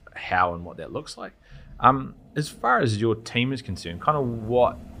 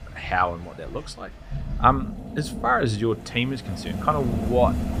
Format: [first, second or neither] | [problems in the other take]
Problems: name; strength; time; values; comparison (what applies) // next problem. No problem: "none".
first | rain or running water; loud; throughout; 7 dB below the speech; faint in the first